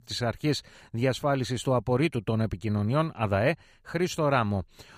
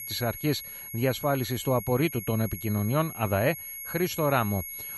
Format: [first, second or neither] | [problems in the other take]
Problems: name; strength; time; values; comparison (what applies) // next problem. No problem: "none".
first | high-pitched whine; loud; throughout; 11.5 kHz, 9 dB below the speech